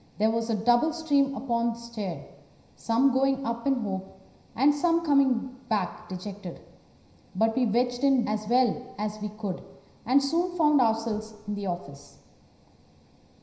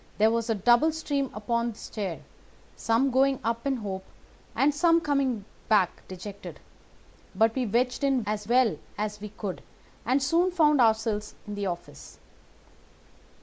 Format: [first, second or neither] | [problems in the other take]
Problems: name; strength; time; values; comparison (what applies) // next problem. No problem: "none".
second | room echo; dies away in 0.9 s